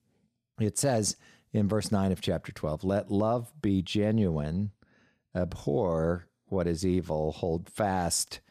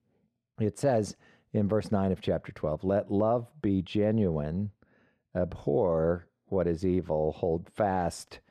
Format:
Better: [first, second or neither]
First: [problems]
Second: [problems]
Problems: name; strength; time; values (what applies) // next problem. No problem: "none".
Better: first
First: none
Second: muffled; slightly; fading above 4 kHz